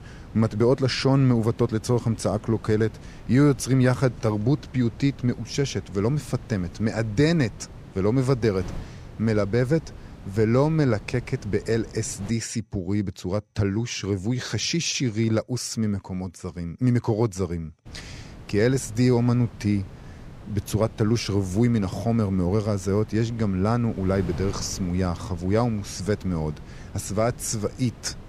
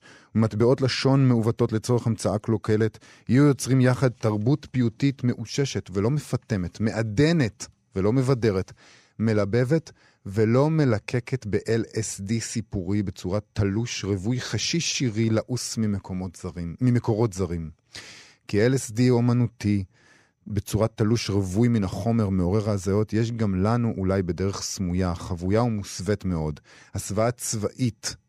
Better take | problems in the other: second | wind noise on the microphone; occasional gusts; until 12 s and from 18 s on; 20 dB below the speech

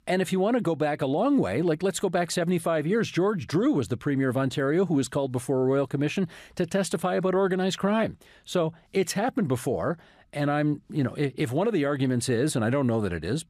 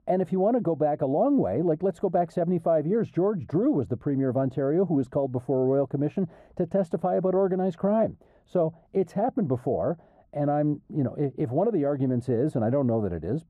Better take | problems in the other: first | muffled; very; fading above 1.5 kHz

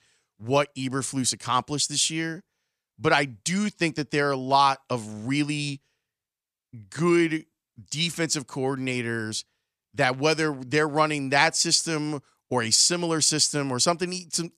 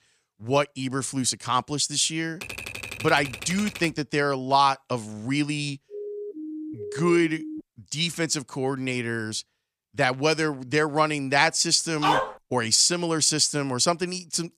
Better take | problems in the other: first | keyboard typing; noticeable; from 2.5 to 4 s; peak 10 dB below the speech // siren; faint; from 6 to 7.5 s; peak 10 dB below the speech // dog barking; loud; at 12 s; peak level with the speech

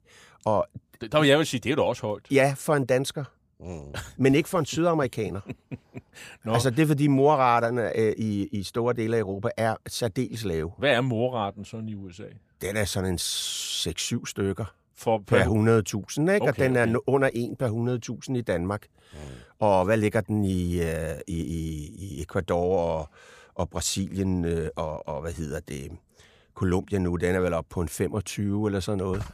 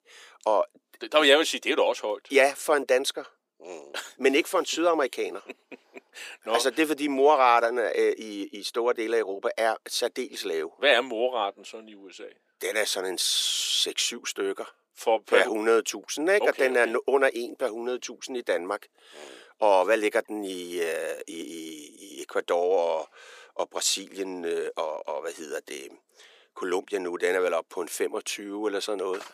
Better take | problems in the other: first | thin; somewhat; fading below 300 Hz

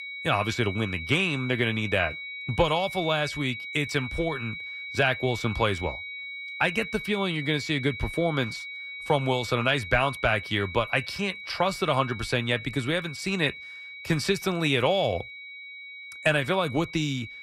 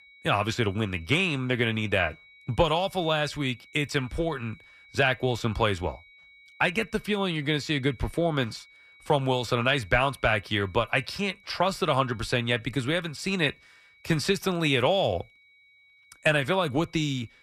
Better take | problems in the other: second | high-pitched whine; loud; throughout; 2.5 kHz, 10 dB below the speech; faint in the second

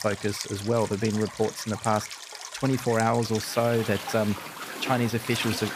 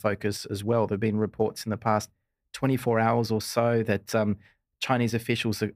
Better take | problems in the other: second | rain or running water; loud; throughout; 9 dB below the speech

